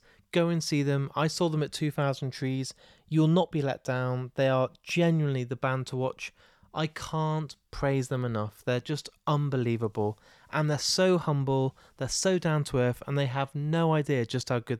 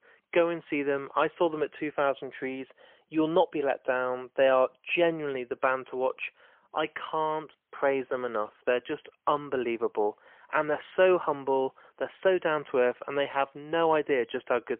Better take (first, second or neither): first